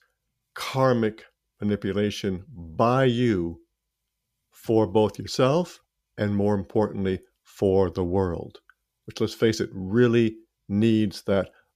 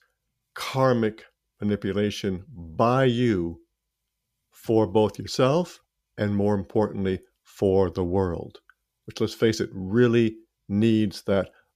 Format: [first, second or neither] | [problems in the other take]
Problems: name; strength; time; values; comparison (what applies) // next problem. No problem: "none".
neither | none